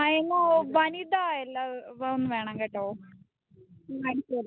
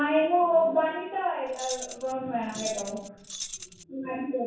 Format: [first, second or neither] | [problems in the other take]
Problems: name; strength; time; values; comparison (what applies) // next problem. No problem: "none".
first | background sound (Keys jangling); 11 dB below the speech // room echo; dies away in 0.7 s